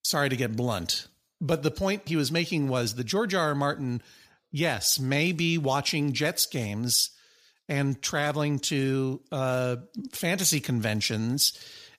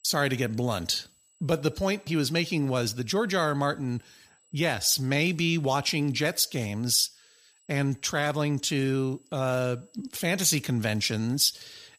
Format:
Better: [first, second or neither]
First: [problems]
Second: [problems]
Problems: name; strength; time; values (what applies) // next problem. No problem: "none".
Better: first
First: none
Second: high-pitched whine; faint; throughout; 8 kHz, 35 dB below the speech